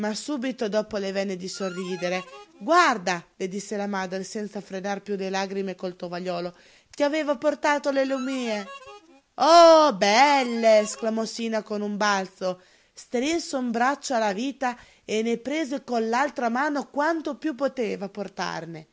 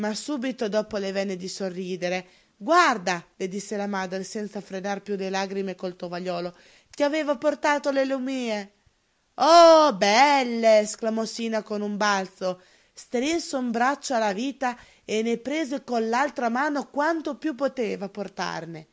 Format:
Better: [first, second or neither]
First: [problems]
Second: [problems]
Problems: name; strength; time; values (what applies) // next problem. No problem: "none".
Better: second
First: background sound (Harmonica); 19 dB below the speech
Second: none